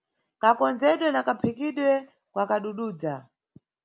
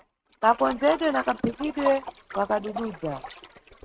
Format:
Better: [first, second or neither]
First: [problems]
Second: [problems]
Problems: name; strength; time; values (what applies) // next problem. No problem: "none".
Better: first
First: none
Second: noise reduction (neural mask model RNNoise)